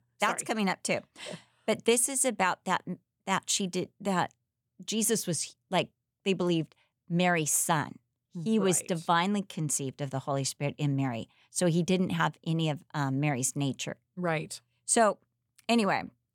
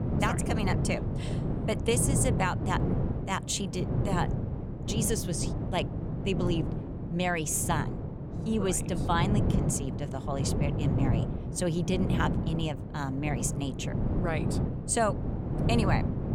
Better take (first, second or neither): first